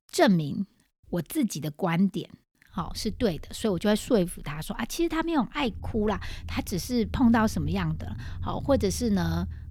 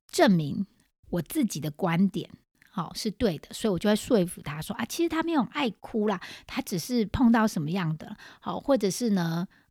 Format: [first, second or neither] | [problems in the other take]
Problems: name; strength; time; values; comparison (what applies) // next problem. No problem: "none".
second | low rumble; faint; from 3 s on; 25 dB below the speech